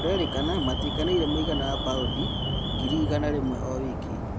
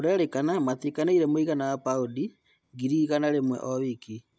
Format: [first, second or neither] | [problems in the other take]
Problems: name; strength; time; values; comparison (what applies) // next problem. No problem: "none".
second | background sound (Alarm); as loud as the speech